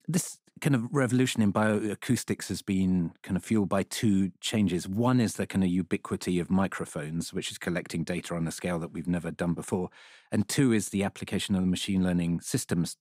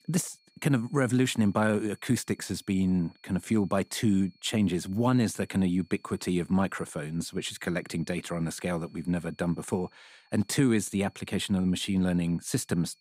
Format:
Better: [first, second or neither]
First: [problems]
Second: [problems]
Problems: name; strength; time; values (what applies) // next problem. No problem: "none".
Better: first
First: none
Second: high-pitched whine; faint; throughout; 4.5 kHz, 35 dB below the speech